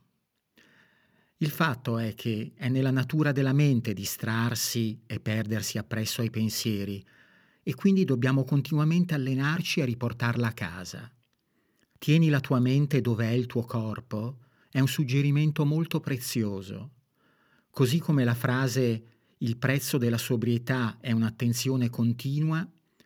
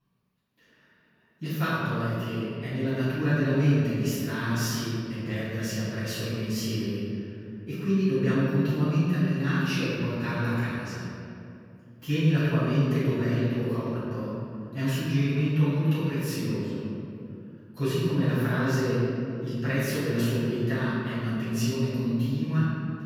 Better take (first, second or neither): first